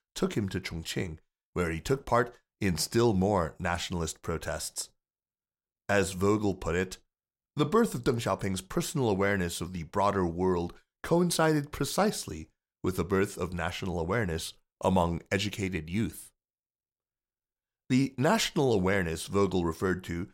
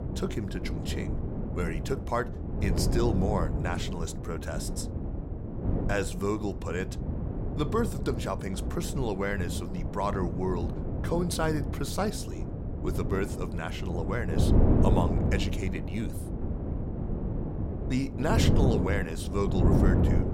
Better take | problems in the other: first | wind noise on the microphone; heavy; 5 dB below the speech

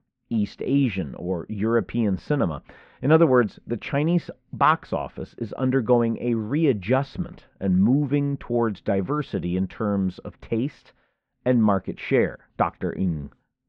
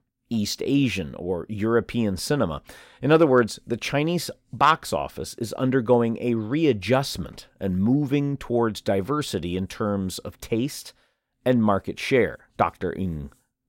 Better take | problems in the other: second | muffled; very; fading above 2.5 kHz

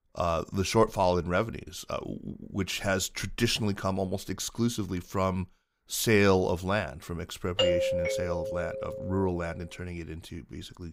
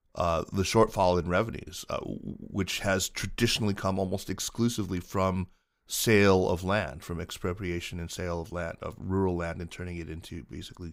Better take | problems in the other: second | doorbell; loud; from 7.5 to 9 s; peak 4 dB above the speech

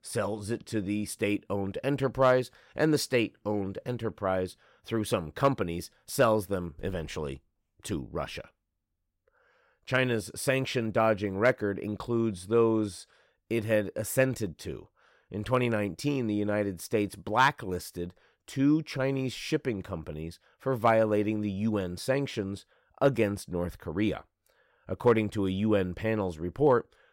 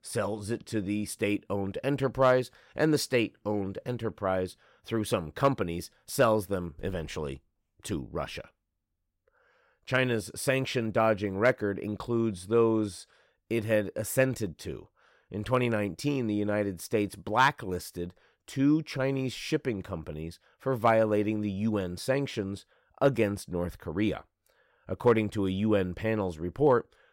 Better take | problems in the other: neither | none

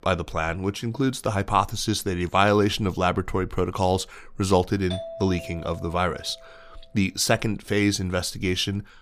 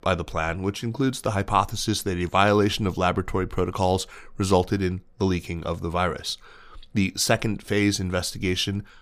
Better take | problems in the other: second | doorbell; faint; from 5 to 6.5 s; peak 10 dB below the speech

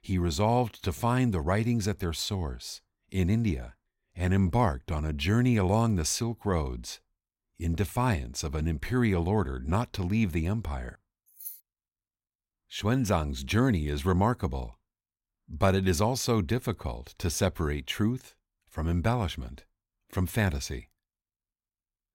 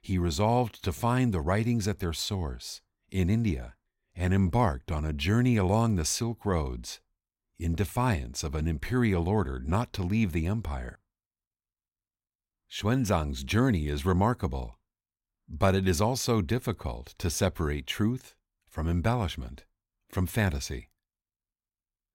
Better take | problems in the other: second | jangling keys; faint; at 11 s; peak 15 dB below the speech

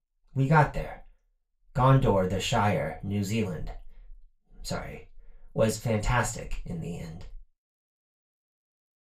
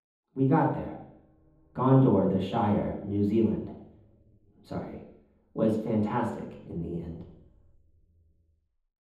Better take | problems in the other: first | room echo; strong; dies away in 0.9 s; slight in the first // off-mic speech; far; far in the first

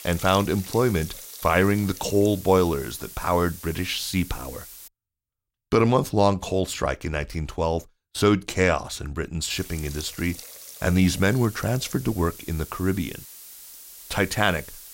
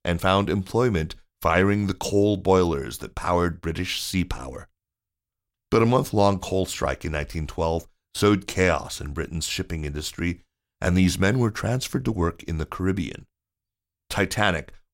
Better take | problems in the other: second | hiss; noticeable; until 5 s and from 9.5 s on; 15 dB below the speech

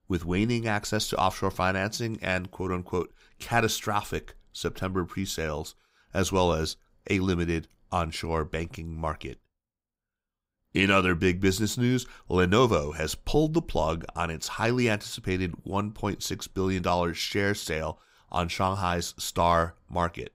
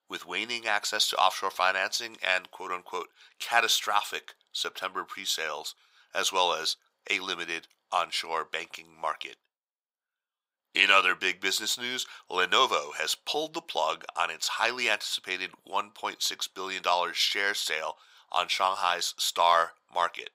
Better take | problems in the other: first | thin; very; fading below 850 Hz

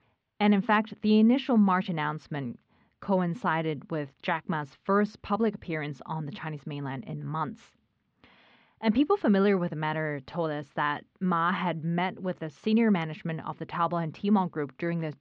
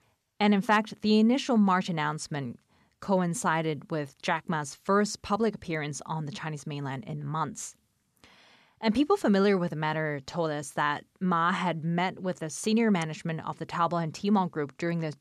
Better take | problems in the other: second | muffled; slightly; fading above 3.5 kHz

